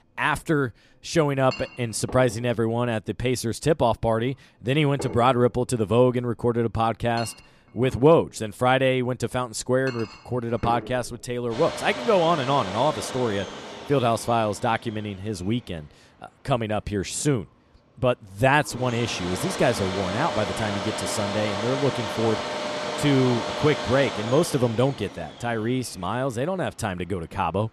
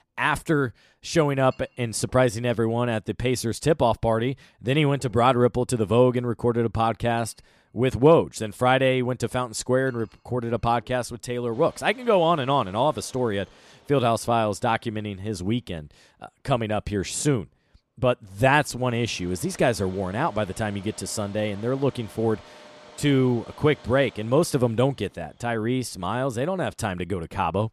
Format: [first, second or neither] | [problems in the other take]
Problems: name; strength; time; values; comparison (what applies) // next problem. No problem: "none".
second | household noises; loud; throughout; 8 dB below the speech; faint in the second